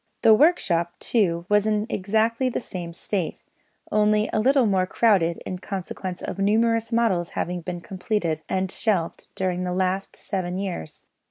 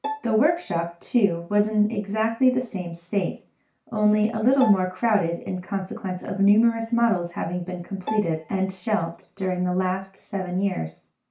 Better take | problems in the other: first | background sound (Bowed string instrument); 13 dB below the speech // room echo; dies away in 0.3 s

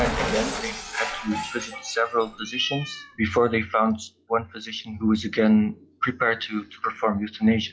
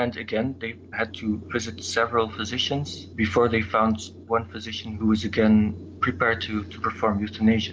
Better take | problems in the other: second | noise reduction (classical method log-MMSE)

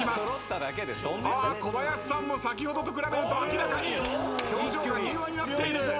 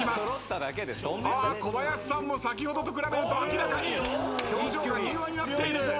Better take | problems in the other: second | background sound (Trumpet); 16 dB below the speech

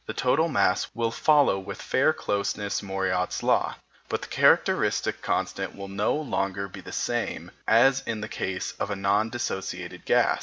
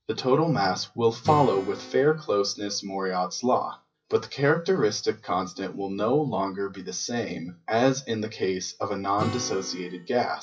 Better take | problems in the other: first | noise reduction (classical method WPE with log-MMSE)

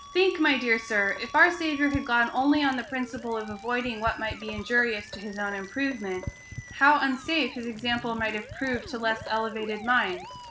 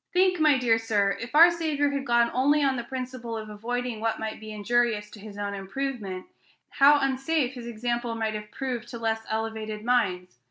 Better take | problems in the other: second | background sound (Rain + Musical instrument); 15 dB below the speech

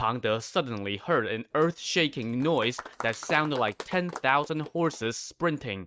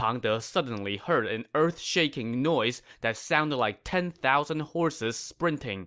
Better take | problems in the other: second | noise reduction (neural mask model RNNoise)

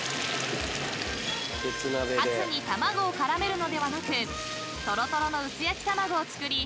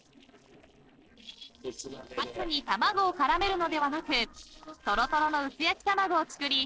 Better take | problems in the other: first | noise reduction (neural separator model SepFormer DNS4)

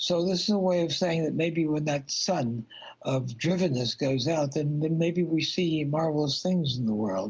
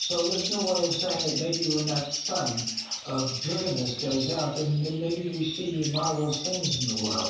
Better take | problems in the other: first | background sound (Bird); 4 dB below the speech // room echo; dies away in 0.7 s

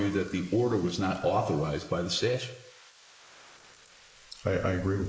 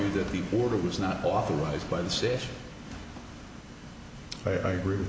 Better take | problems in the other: second | noise reduction (neural mask model Resemble Enhance denoiser)

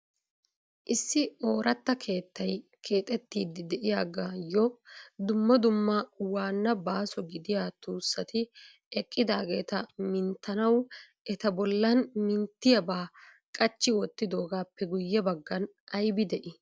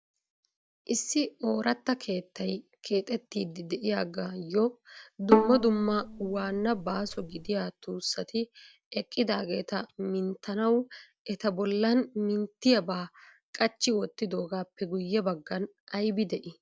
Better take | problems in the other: first | background sound (Bowed string instrument); 1 dB above the speech

